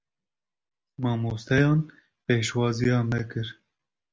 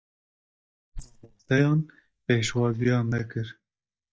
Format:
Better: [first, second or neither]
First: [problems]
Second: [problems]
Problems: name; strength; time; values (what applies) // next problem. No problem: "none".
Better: first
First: none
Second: noise reduction (neural mask model DeepFilterNet 3)